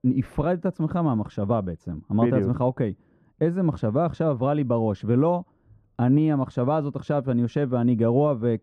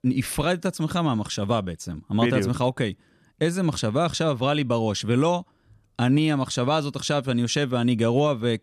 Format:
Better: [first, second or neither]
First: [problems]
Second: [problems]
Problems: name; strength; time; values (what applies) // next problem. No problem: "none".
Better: second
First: muffled; very; fading above 2 kHz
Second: none